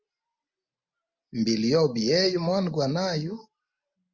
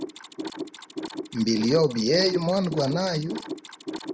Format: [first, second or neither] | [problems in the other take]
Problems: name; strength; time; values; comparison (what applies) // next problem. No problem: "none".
first | background sound (Mechanisms); 10 dB below the speech